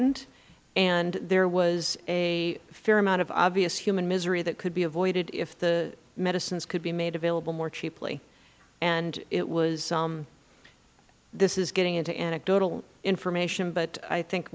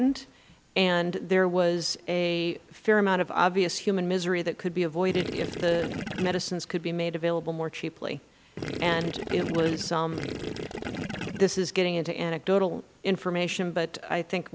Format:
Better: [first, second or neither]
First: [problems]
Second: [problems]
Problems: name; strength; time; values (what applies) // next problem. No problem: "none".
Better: first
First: none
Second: background sound (Gurgling / Liquid); 7 dB below the speech